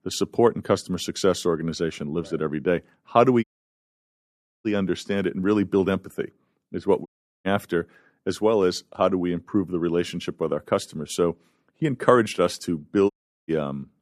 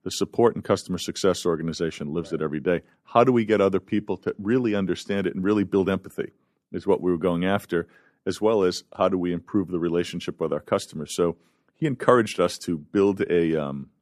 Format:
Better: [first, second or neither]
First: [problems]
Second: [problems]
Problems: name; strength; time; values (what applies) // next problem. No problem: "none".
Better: second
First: audio cutting out; at 3.5 s for 1 s, at 7 s and at 13 s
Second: none